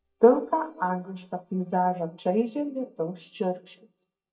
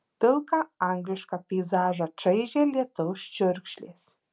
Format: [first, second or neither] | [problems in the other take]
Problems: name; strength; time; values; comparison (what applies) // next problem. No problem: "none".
second | noise reduction (neural mask model DeepFilterNet 3)